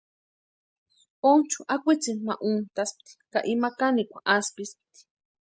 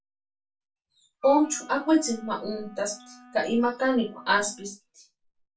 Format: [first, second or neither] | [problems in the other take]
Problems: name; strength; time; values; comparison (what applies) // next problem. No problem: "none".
first | background sound (Wind instrument, woodwind instrument); 19 dB below the speech // room echo; dies away in 0.2 s